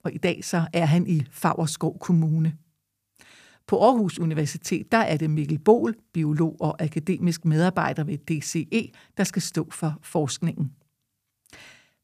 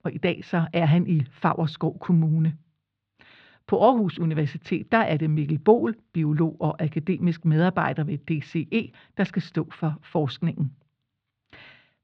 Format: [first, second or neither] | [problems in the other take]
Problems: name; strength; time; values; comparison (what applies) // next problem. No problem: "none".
first | muffled; very; fading above 3.5 kHz